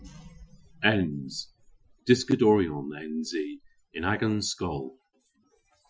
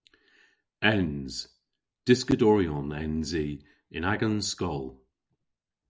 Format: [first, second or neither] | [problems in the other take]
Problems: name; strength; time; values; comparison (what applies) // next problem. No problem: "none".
second | noise reduction (classical method Wiener filter)